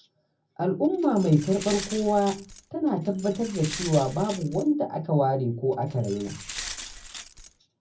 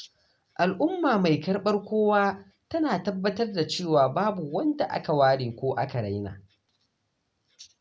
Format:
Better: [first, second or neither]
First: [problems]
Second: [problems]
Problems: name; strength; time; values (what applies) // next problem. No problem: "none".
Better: second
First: background sound (Glass); 13 dB below the speech // room echo; dies away in 0.4 s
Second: none